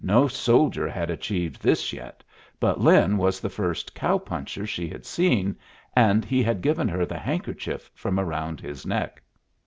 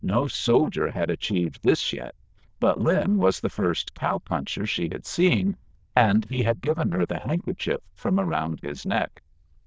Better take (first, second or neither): first